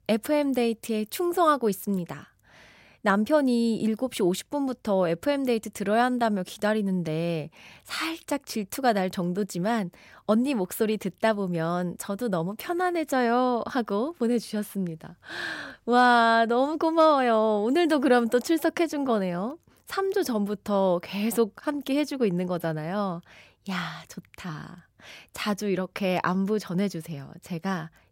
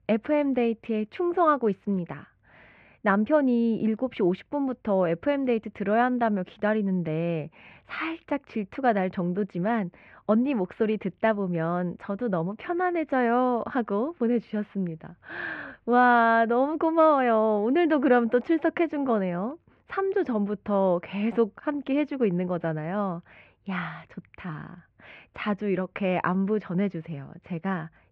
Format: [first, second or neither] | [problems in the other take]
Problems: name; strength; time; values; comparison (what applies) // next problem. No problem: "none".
first | muffled; very; fading above 2.5 kHz